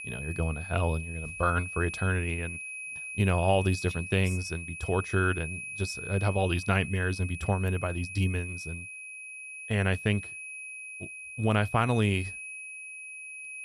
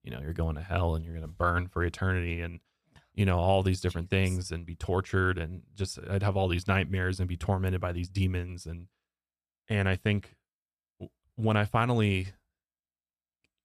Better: second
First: high-pitched whine; loud; throughout; 2.5 kHz, 9 dB below the speech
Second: none

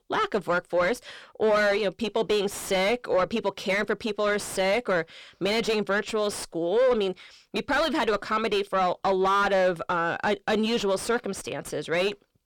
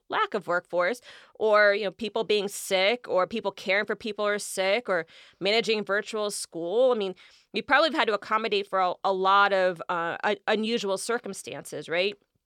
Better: second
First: distortion; heavy; 7 dB below the speech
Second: none

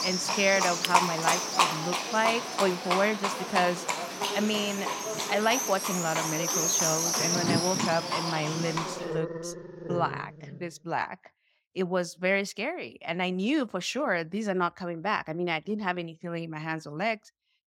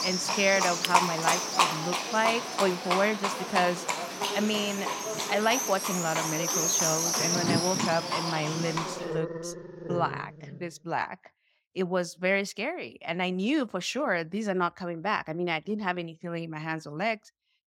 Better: neither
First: animal sounds; very loud; until 10 s; 1 dB above the speech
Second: animal sounds; very loud; until 10 s; 1 dB above the speech

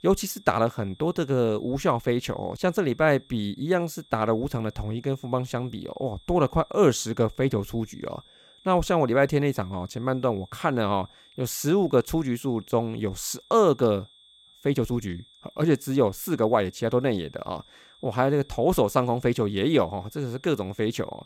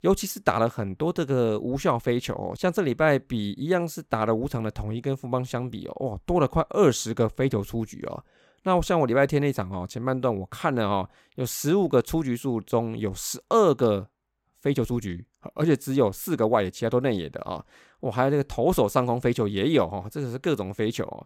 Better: second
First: high-pitched whine; faint; throughout; 3.5 kHz, 30 dB below the speech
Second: none

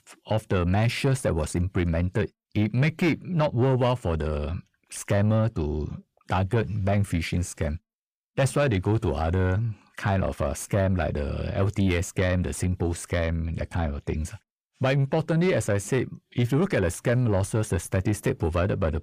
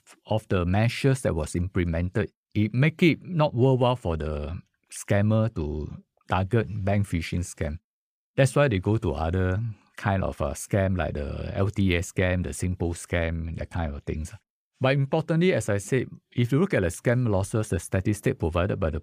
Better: second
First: distortion; slight; 10 dB below the speech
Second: none

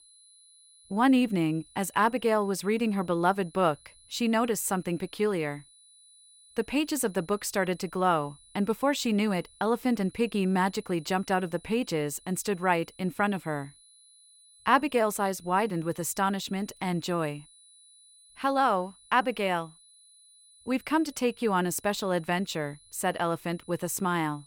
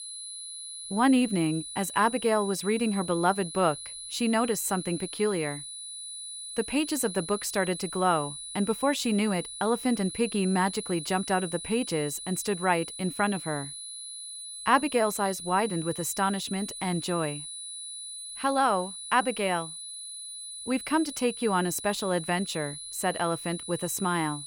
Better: first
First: high-pitched whine; faint; throughout; 10 kHz, 25 dB below the speech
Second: high-pitched whine; loud; throughout; 10 kHz, 9 dB below the speech

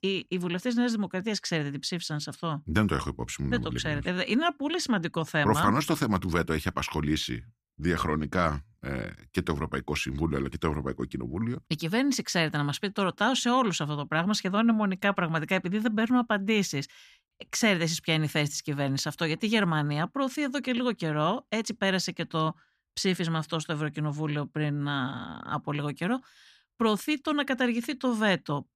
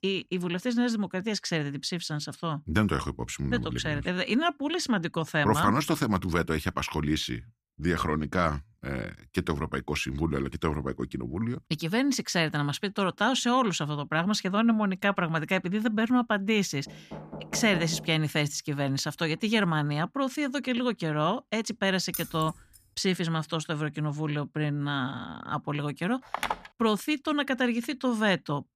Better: first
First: none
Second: door banging; noticeable; from 17 to 18 s; peak 9 dB below the speech // jangling keys; noticeable; at 22 s; peak 8 dB below the speech // phone ringing; noticeable; at 26 s; peak 4 dB below the speech

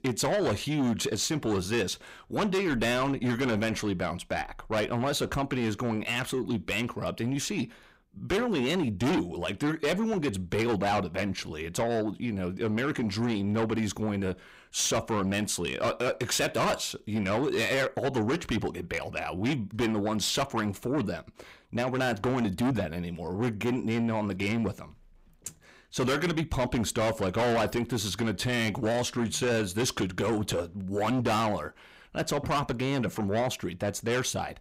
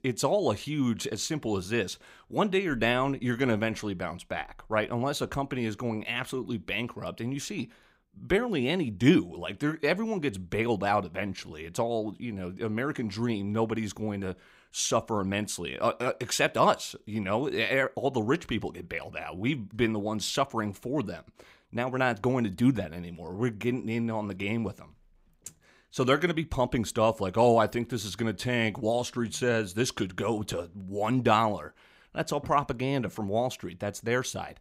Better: second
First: distortion; heavy; 6 dB below the speech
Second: none

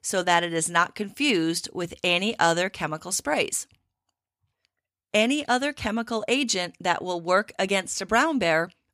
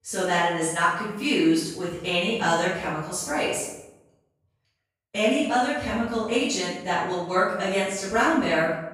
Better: first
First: none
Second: off-mic speech; far // room echo; strong; dies away in 0.8 s

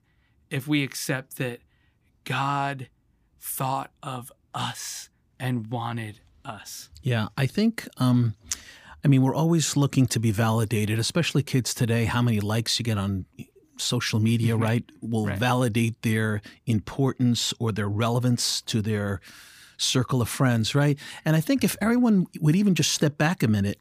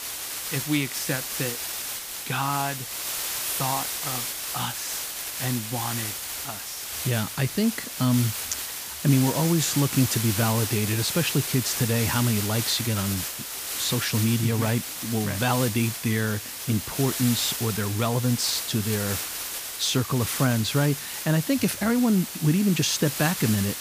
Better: first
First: none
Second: hiss; loud; throughout; 4 dB below the speech

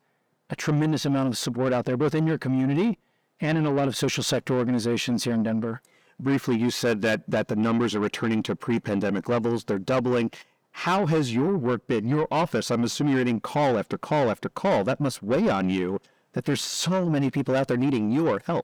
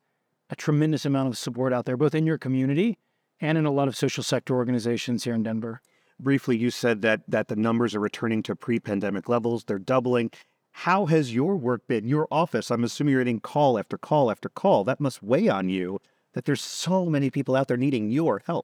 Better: second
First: distortion; slight; 10 dB below the speech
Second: none

